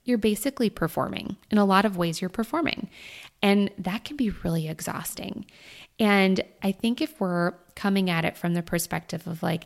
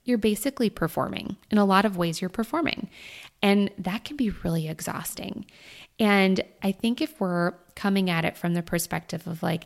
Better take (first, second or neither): neither